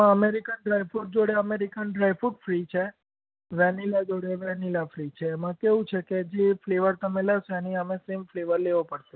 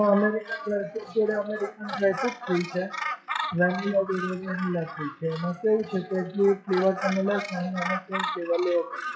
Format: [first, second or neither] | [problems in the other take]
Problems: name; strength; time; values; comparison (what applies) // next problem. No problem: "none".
first | noise reduction (classical method WPE with log-MMSE)